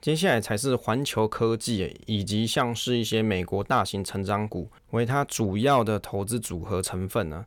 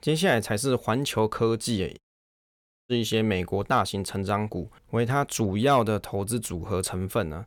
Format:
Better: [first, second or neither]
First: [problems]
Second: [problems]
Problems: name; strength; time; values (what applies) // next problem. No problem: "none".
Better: first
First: none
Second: audio cutting out; at 2 s for 1 s